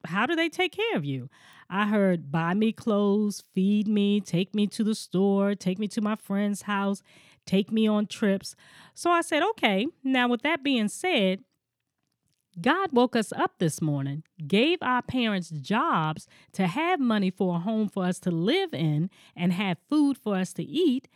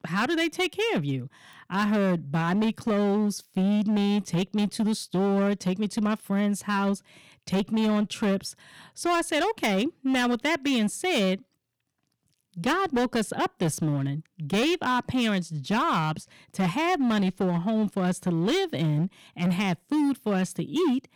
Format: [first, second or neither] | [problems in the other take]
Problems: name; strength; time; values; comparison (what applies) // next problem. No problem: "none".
first | distortion; slight; 16% of the sound clipped